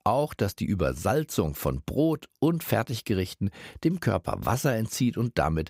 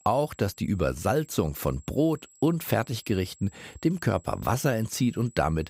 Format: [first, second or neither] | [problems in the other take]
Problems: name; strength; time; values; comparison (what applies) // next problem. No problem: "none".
first | high-pitched whine; faint; throughout; 7.5 kHz, 25 dB below the speech